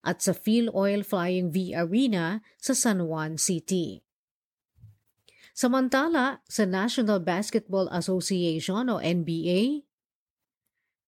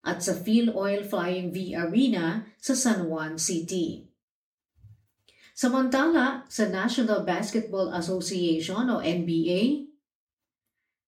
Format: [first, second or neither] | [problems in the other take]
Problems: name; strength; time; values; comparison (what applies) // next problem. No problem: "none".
first | room echo; very slight; dies away in 0.3 s // off-mic speech; far